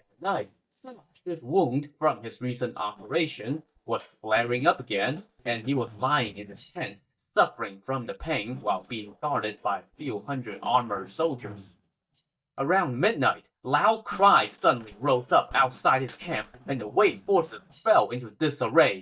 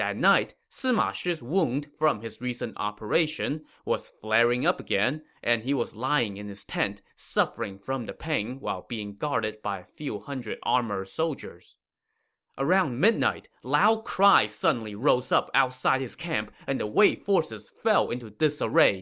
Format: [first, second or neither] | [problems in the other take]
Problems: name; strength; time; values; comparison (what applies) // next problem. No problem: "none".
second | noise reduction (neural mask model DeepFilterNet 3)